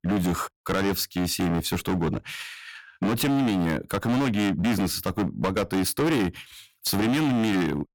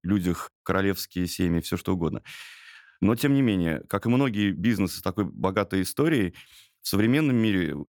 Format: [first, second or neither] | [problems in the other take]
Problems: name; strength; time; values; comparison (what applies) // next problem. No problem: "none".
second | distortion; heavy; 21% of the sound clipped